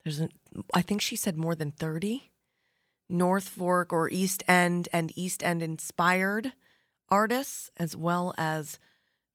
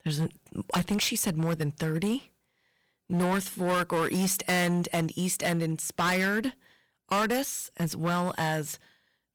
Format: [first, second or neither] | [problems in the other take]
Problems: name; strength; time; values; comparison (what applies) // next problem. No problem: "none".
first | distortion; heavy; 12% of the sound clipped